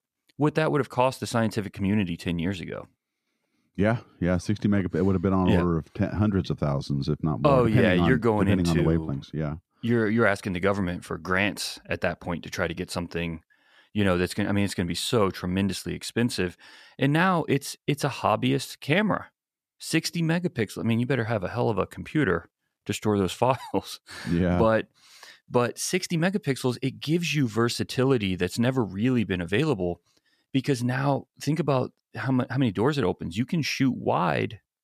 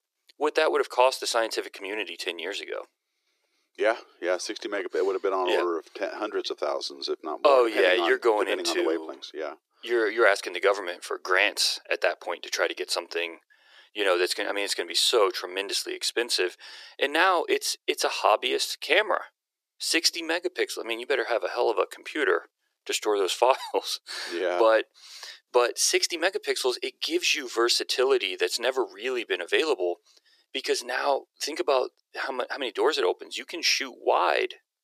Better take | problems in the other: first | thin; very; fading below 350 Hz

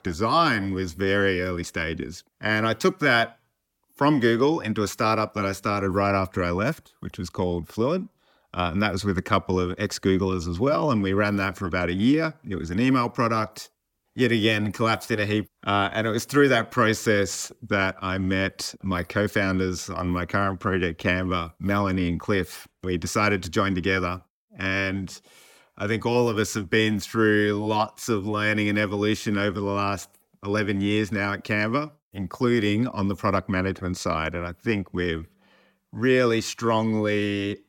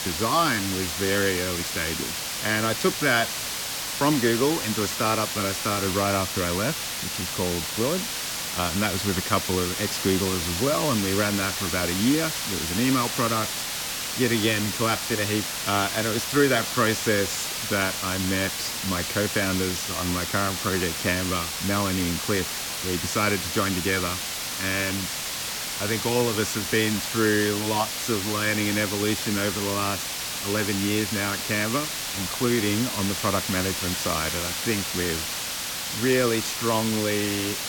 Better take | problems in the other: first | hiss; loud; throughout; 2 dB below the speech

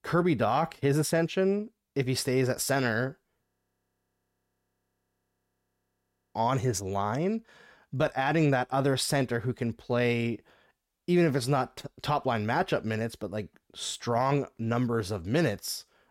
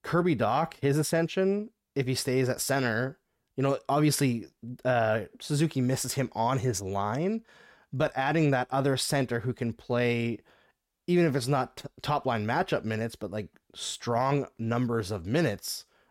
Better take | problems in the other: second | audio freezing; at 3.5 s for 3 s

